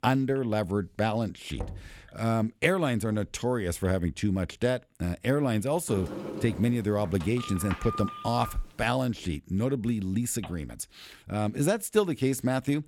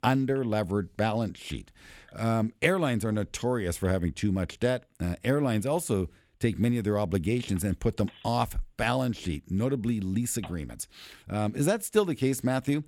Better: second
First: door banging; faint; at 1.5 s; peak 10 dB below the speech // door banging; noticeable; from 6 to 8.5 s; peak 8 dB below the speech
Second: none

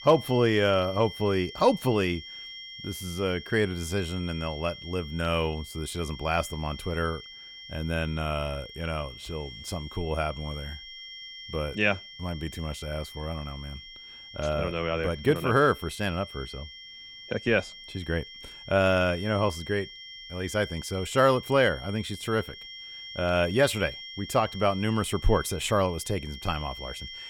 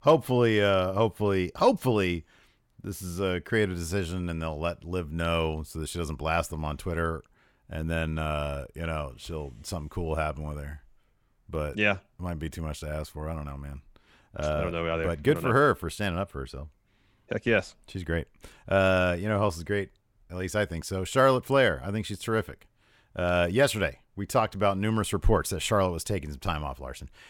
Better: second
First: high-pitched whine; noticeable; throughout; 3 kHz, 15 dB below the speech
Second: none

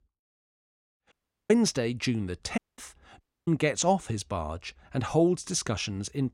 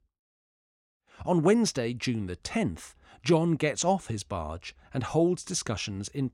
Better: second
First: audio cutting out; at 1 s, at 2.5 s and at 3 s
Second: none

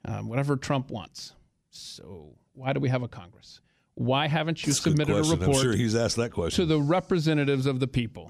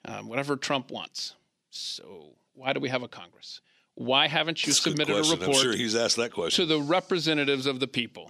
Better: first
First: none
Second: thin; very slightly; fading below 250 Hz

